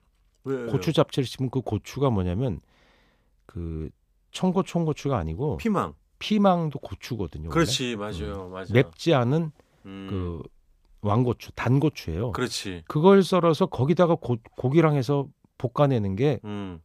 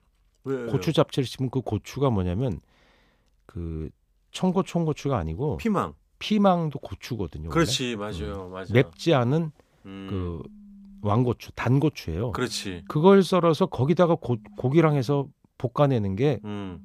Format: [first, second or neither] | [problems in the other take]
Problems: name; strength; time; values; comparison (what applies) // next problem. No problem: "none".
first | alarms or sirens; faint; throughout; 25 dB below the speech